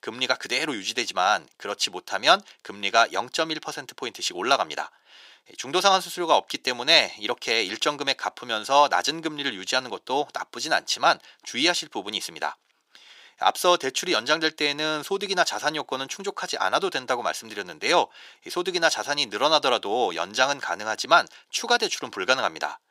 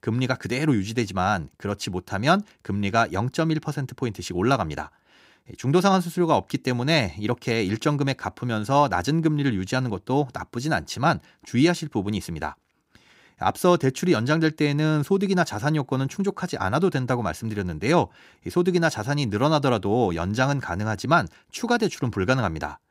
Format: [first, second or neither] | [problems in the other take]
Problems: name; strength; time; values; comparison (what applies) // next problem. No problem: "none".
second | thin; very; fading below 600 Hz